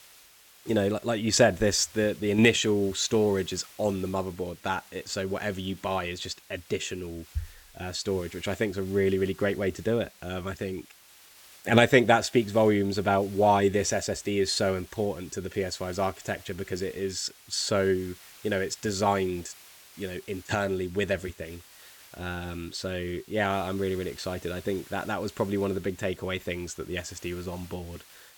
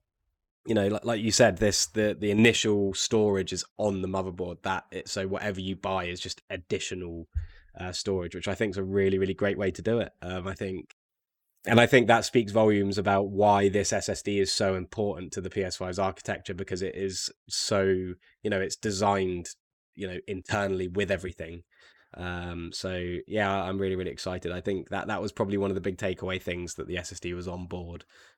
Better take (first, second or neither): second